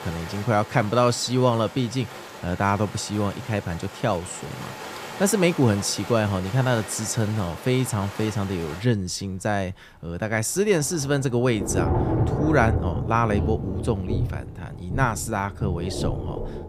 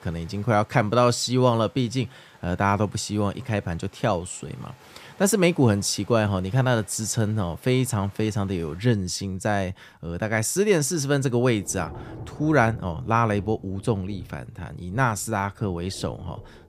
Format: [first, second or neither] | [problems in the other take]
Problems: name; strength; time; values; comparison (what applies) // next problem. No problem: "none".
second | rain or running water; loud; throughout; 7 dB below the speech; faint in the second